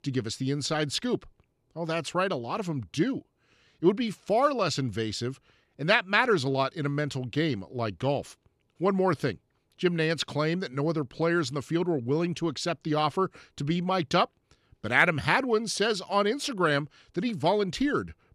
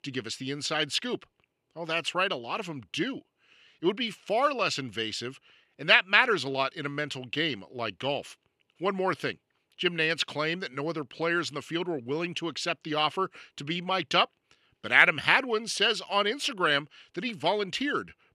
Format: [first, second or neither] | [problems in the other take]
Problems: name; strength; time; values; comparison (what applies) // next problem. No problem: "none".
first | thin; very slightly; fading below 600 Hz